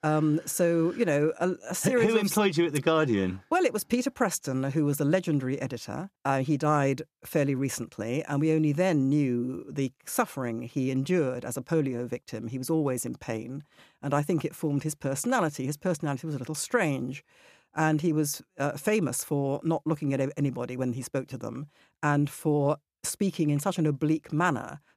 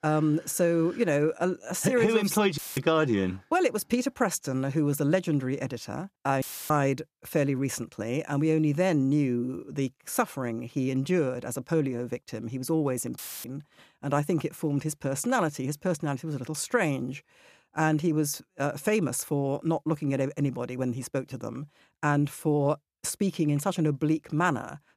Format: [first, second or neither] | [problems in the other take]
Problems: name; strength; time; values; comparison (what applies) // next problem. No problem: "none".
first | audio cutting out; filled with static; at 2.5 s, at 6.5 s and at 13 s